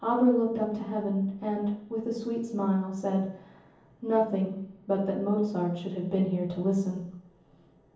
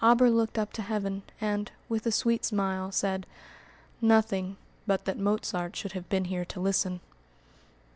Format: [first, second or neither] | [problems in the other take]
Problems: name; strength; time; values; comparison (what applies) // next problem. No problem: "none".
second | room echo; dies away in 0.7 s